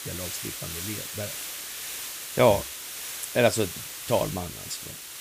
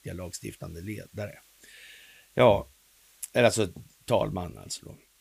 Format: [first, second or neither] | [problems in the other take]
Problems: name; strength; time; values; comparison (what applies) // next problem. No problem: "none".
second | hiss; loud; throughout; 6 dB below the speech; faint in the second